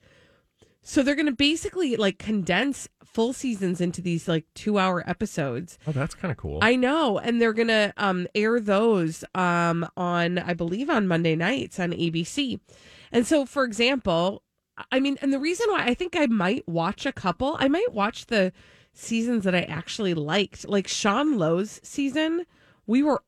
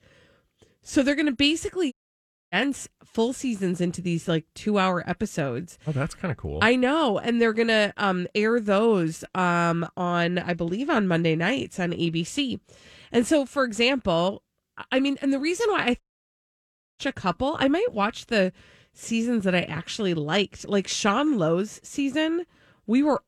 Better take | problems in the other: first | audio cutting out; at 2 s for 0.5 s and at 16 s for 1 s

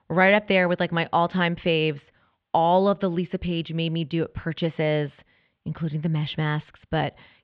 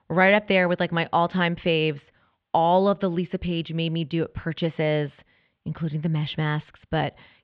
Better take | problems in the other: neither | muffled; very; fading above 3.5 kHz; the same in both

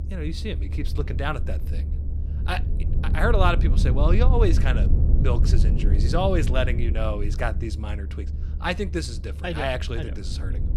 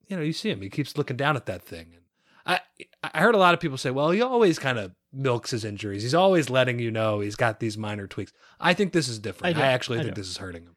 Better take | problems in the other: second | low rumble; noticeable; throughout; 10 dB below the speech

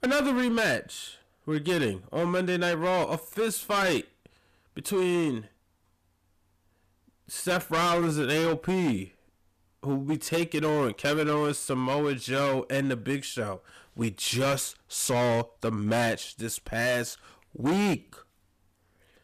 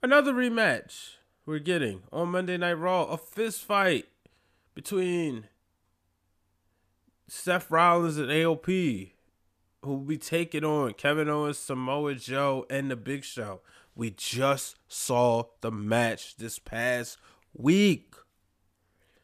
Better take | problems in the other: second | distortion; heavy; 13% of the sound clipped

